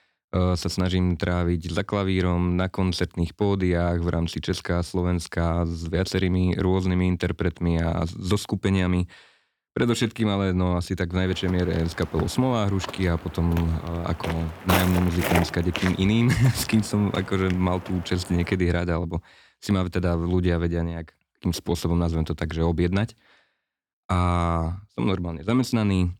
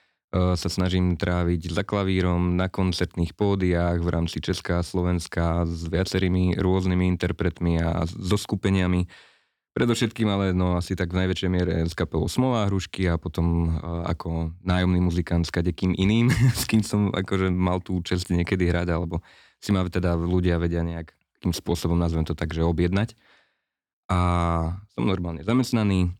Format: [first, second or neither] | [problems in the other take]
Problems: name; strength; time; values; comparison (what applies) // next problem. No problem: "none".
second | footsteps; loud; from 11 to 18 s; peak level with the speech